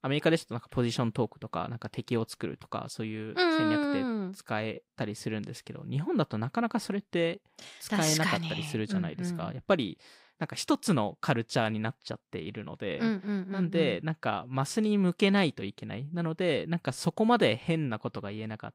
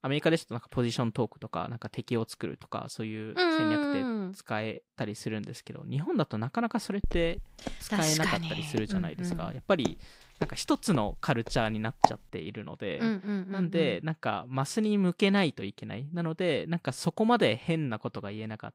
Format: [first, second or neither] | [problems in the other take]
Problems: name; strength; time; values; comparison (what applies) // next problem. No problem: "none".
first | footsteps; loud; from 7 to 12 s; peak 4 dB above the speech